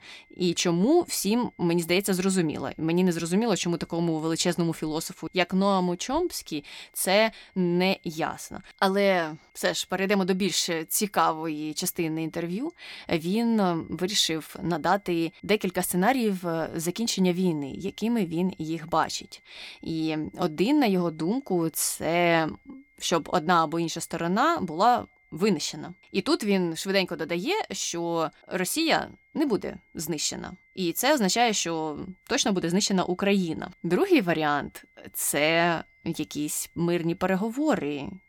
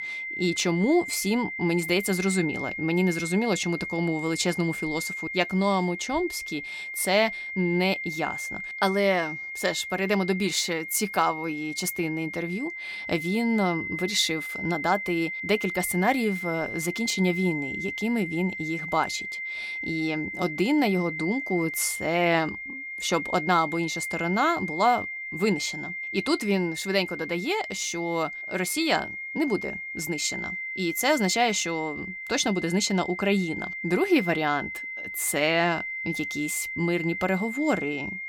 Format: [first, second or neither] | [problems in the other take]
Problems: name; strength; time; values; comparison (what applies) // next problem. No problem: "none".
first | high-pitched whine; loud; throughout; 2 kHz, 6 dB below the speech; faint in the first